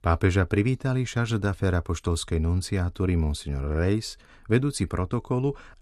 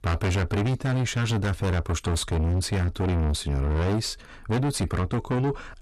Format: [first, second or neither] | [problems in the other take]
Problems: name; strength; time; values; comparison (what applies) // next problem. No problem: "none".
first | distortion; heavy; 6 dB below the speech